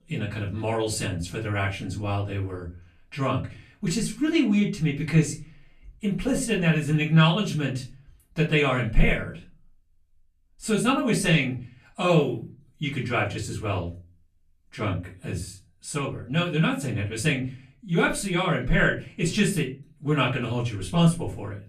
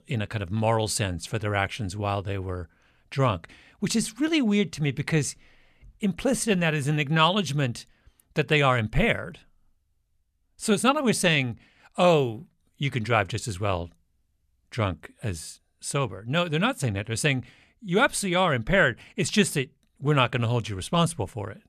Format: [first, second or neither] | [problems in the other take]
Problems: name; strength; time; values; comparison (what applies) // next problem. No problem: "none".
second | off-mic speech; far // room echo; slight; dies away in 0.3 s